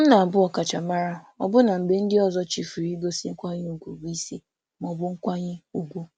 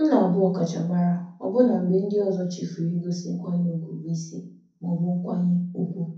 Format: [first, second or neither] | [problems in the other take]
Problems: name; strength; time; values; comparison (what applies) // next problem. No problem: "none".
first | room echo; dies away in 0.6 s